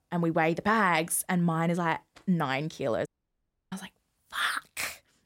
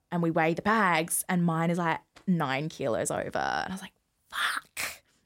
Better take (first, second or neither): second